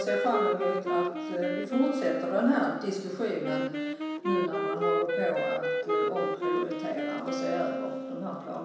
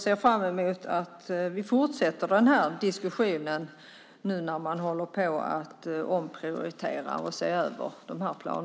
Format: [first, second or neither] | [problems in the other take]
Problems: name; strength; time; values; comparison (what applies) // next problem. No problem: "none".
second | background sound (Wind instrument, woodwind instrument); as loud as the speech // room echo; dies away in 0.9 s